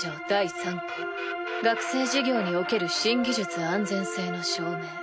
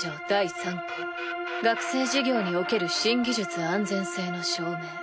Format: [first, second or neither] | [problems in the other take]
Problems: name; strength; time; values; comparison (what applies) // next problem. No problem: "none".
second | background sound (Wind instrument, woodwind instrument); 13 dB below the speech